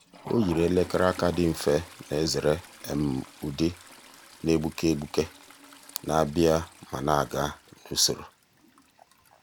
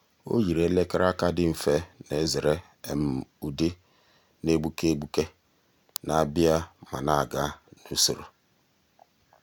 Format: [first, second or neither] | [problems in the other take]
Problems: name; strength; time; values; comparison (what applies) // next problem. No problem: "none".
second | background sound (Toilet flush); 20 dB below the speech